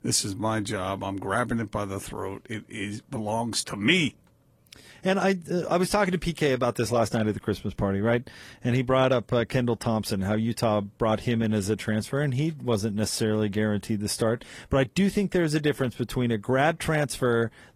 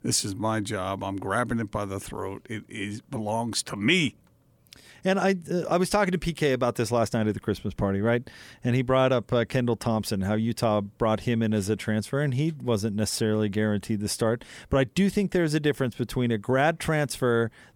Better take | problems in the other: second | garbled, watery; slightly; nothing above 14 kHz

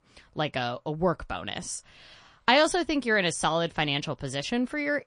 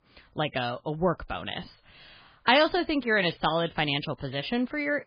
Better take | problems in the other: first | garbled, watery; badly; slightly in the first

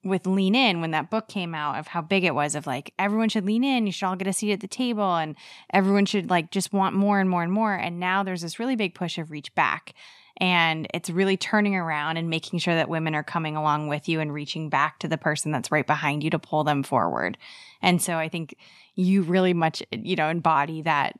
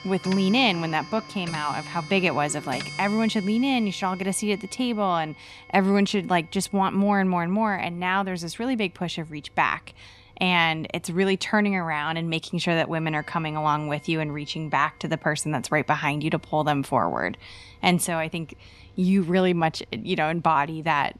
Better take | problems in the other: first | household noises; noticeable; throughout; 15 dB below the speech

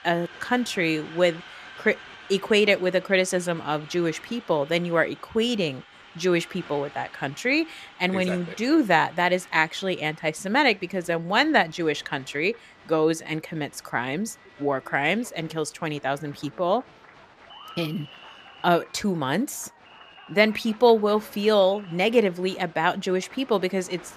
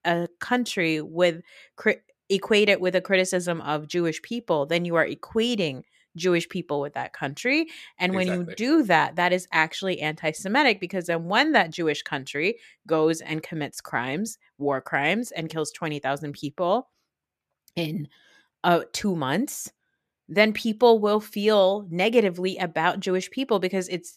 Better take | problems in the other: second | crowd noise; faint; throughout; 20 dB below the speech

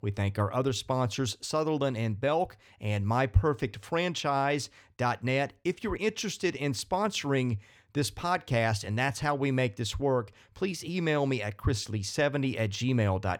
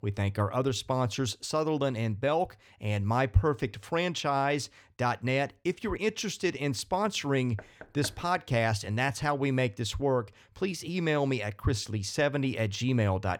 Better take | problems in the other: first | door banging; faint; at 7.5 s; peak 15 dB below the speech

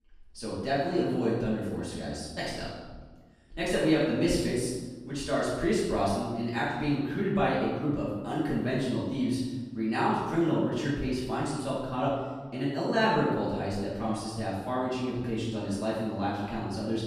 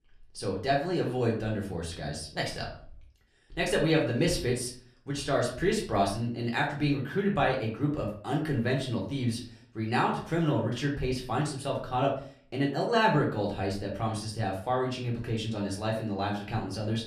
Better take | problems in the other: second | room echo; strong; dies away in 1.1 s; slight in the second // off-mic speech; far; far in the second

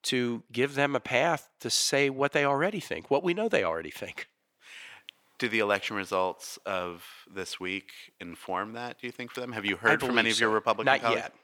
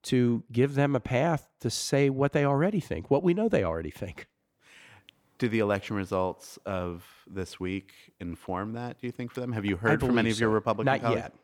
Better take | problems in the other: second | thin; somewhat; fading below 800 Hz

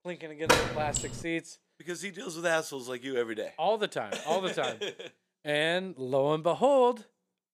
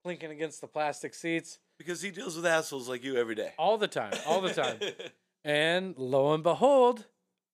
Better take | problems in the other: second | door banging; loud; at 0.5 s; peak 5 dB above the speech

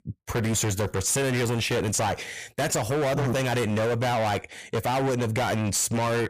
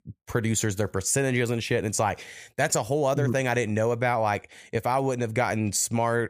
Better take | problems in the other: second | distortion; heavy; 35% of the sound clipped

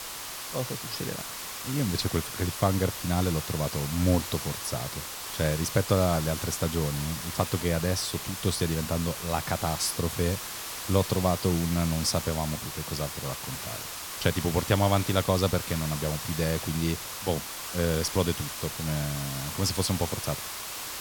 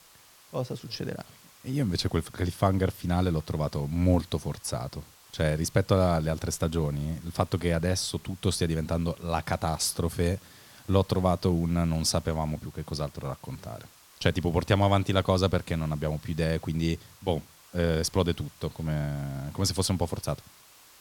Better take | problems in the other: second | hiss; loud; throughout; 5 dB below the speech; faint in the second

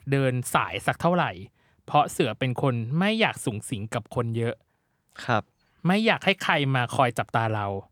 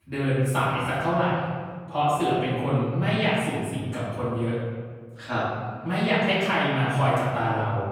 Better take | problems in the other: first | off-mic speech; far // room echo; strong; dies away in 1.6 s

